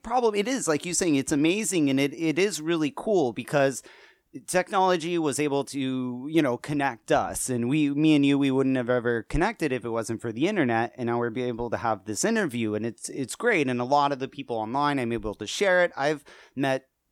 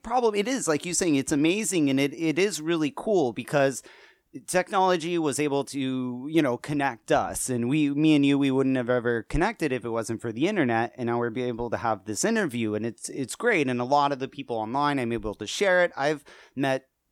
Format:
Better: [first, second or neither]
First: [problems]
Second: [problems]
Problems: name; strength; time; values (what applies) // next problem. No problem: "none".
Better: neither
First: none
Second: none